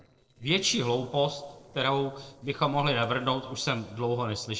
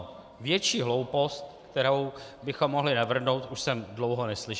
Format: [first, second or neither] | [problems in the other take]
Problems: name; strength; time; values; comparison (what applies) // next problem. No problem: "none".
second | noise reduction (neural separator model SepFormer DNS4)